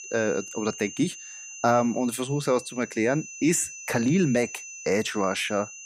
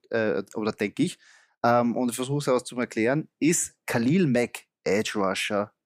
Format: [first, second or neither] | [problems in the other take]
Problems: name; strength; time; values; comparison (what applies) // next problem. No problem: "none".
second | high-pitched whine; noticeable; throughout; 6 kHz, 15 dB below the speech